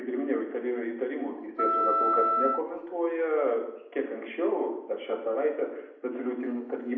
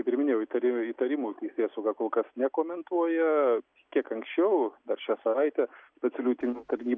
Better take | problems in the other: second | background sound (Wind instrument, woodwind instrument); 2 dB above the speech // room echo; dies away in 0.7 s

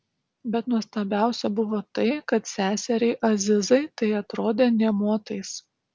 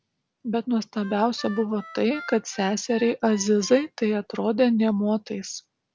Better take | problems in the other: first | background sound (Harmonica); 18 dB below the speech

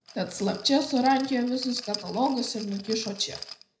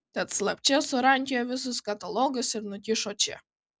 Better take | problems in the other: second | background sound (Rattle); 15 dB below the speech // room echo; dies away in 0.4 s

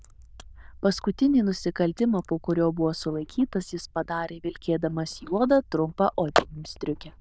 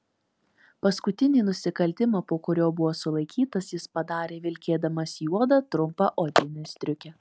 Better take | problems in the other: second | noise reduction (neural diffusion model UNIVERSE++)

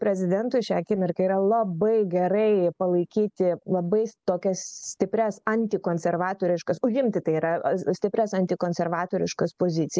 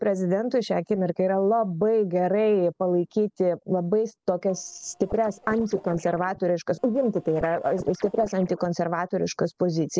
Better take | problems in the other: first | noise reduction (neural separator model SepFormer DNS4)

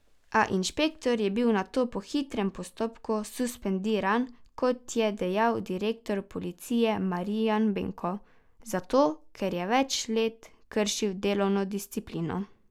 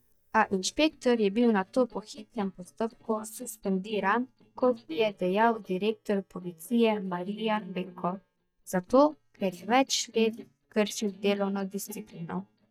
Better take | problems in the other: first | noise reduction (neural mask model DeepFilterNet 3)

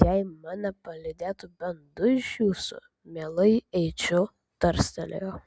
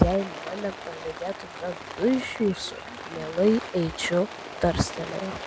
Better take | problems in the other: first | background sound (Rain); 11 dB below the speech

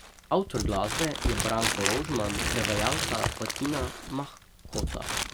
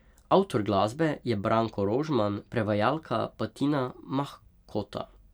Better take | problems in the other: second | background sound (Crumpling, crinkling); as loud as the speech

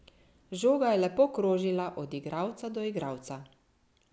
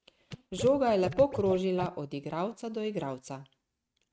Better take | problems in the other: first | noise reduction (neural mask model RNNoise)

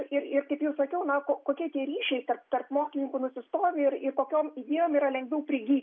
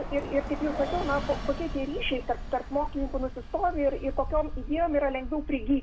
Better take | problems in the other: first | background sound (Bus); 6 dB below the speech

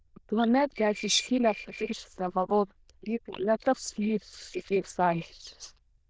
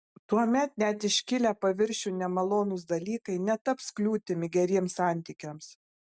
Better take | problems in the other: second | noise reduction (neural diffusion model UNIVERSE++)

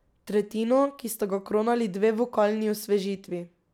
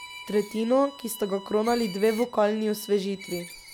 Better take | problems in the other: first | background sound (Bowed string instrument + Screech); 17 dB below the speech

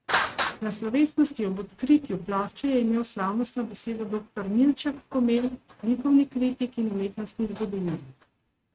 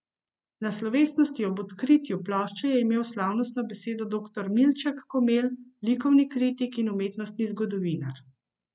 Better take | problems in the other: second | noise reduction (neural mask model RNNoise)

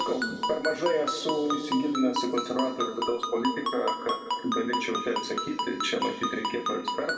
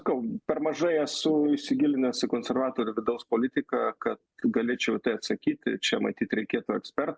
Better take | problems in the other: second | background sound (Ringtone); 3 dB below the speech // room echo; dies away in 1.9 s

